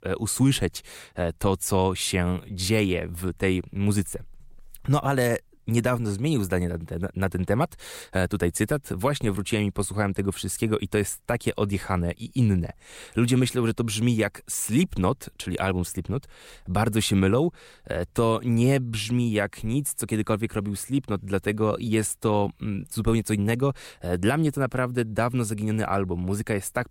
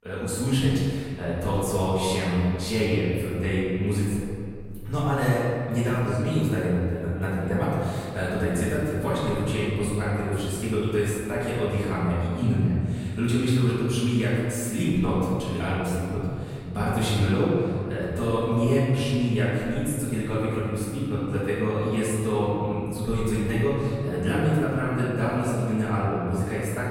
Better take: first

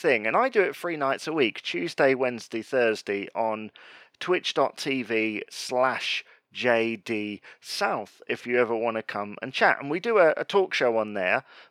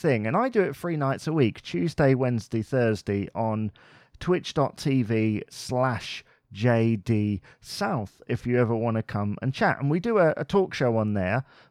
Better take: second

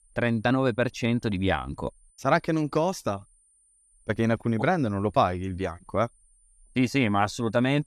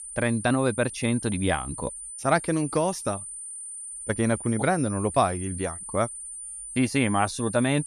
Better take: first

